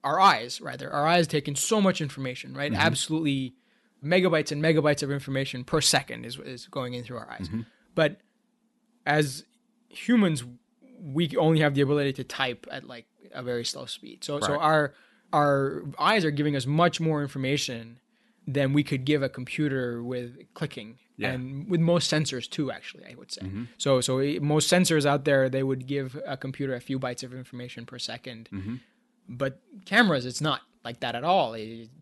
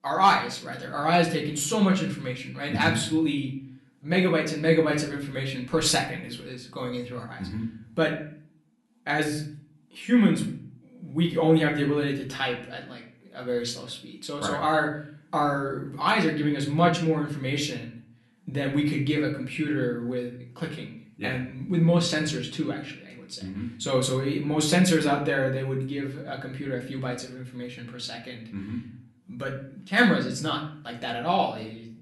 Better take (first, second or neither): first